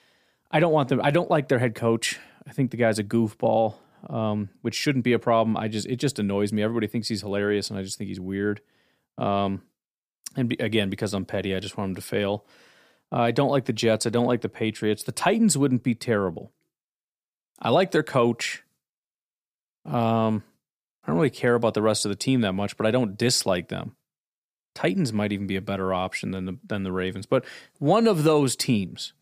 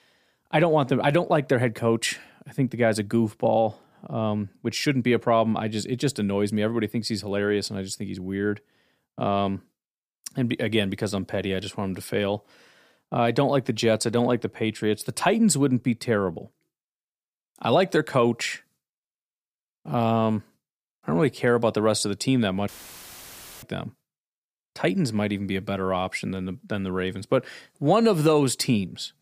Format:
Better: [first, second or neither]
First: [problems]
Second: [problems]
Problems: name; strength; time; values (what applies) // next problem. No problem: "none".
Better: first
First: none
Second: audio cutting out; filled with static; at 23 s for 1 s